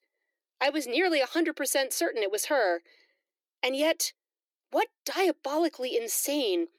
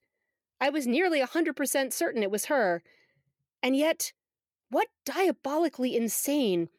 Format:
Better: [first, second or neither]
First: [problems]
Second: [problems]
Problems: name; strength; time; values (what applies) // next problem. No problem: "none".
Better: second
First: thin; somewhat; fading below 300 Hz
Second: none